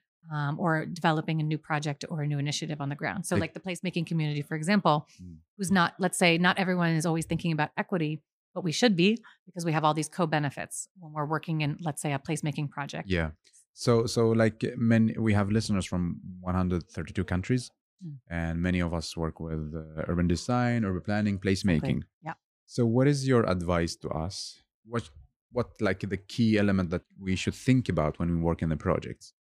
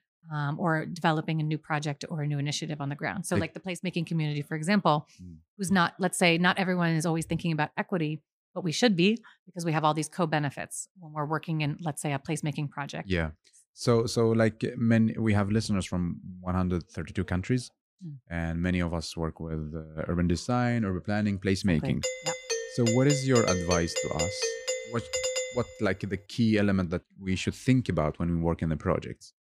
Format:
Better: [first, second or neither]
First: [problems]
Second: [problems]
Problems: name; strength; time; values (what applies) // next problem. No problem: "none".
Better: first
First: none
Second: doorbell; noticeable; from 22 to 26 s; peak 1 dB below the speech